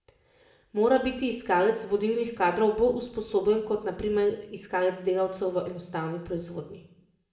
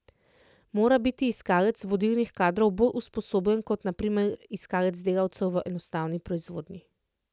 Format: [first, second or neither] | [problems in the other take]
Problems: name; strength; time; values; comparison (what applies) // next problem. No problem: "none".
second | room echo; dies away in 0.7 s